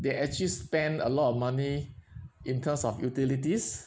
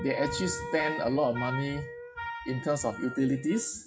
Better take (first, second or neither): first